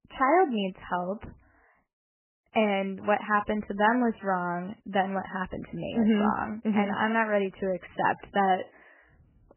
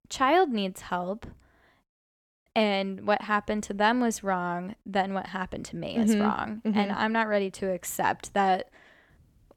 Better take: second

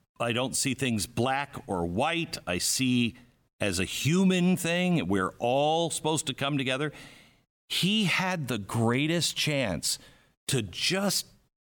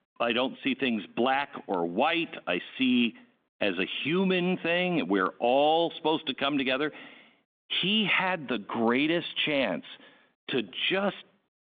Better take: first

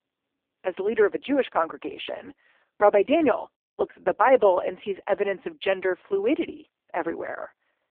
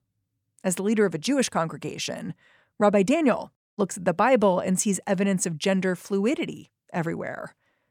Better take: second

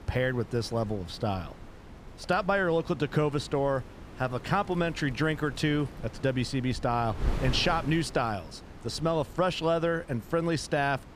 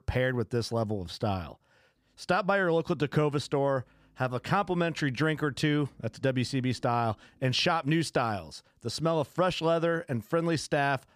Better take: second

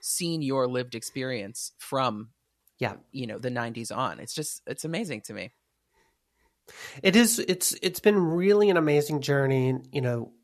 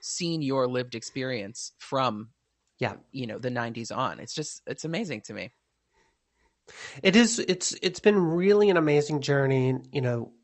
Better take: first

